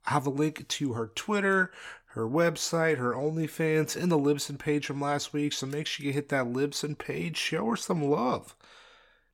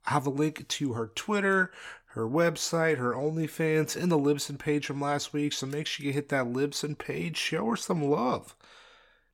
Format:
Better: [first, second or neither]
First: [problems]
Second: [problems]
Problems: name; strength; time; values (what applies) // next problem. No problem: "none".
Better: neither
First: none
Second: none